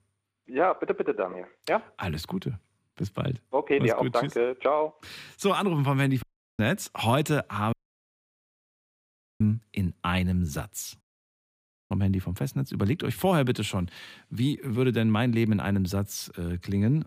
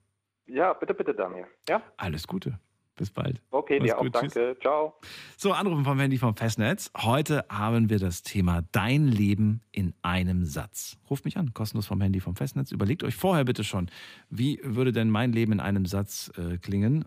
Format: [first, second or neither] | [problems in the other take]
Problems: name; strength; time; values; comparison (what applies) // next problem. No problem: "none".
second | audio cutting out; at 6 s, at 7.5 s for 1.5 s and at 11 s for 1 s